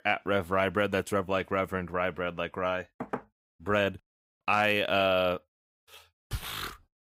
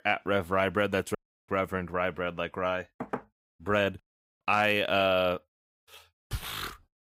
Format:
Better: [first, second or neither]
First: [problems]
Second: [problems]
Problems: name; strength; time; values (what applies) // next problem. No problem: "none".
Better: first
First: none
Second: audio cutting out; at 1 s